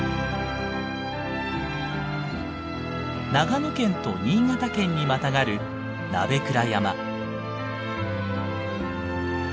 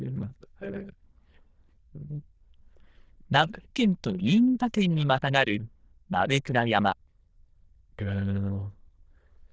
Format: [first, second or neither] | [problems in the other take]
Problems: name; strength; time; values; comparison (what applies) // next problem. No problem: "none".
first | noise reduction (neural diffusion model UNIVERSE++)